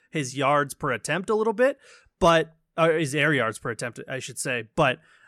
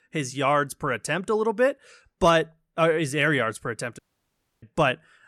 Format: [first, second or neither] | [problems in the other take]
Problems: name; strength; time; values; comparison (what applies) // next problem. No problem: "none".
first | audio cutting out; at 4 s for 0.5 s